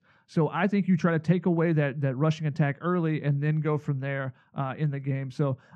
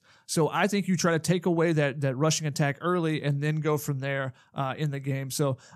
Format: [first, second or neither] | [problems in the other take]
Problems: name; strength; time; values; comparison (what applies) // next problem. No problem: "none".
second | muffled; very; fading above 2 kHz